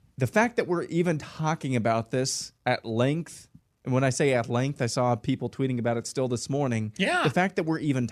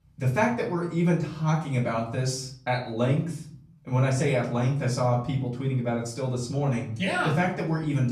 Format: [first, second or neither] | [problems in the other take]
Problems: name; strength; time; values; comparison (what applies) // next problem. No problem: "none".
first | off-mic speech; far // room echo; slight; dies away in 0.5 s